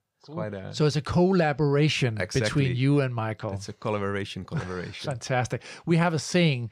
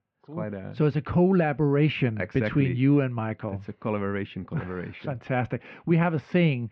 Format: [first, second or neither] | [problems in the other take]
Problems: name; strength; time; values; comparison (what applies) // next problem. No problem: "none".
first | muffled; very; fading above 2.5 kHz